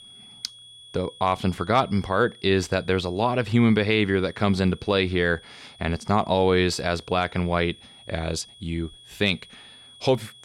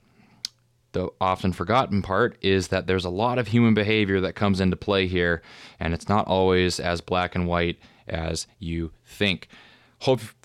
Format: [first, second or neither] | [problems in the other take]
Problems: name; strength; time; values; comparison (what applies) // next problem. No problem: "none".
second | high-pitched whine; faint; throughout; 3.5 kHz, 20 dB below the speech